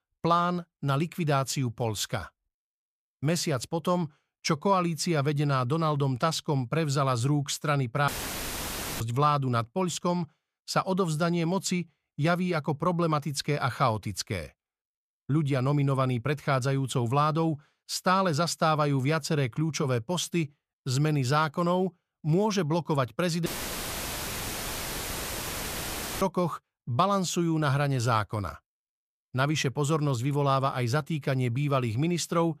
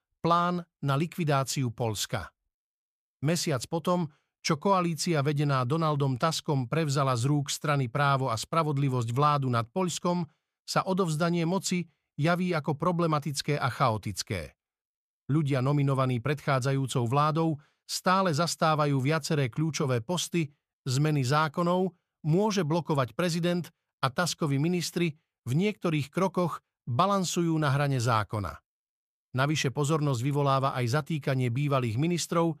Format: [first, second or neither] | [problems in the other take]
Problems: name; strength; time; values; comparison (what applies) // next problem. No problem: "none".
second | audio cutting out; filled with static; at 8 s for 1 s and at 23 s for 3 s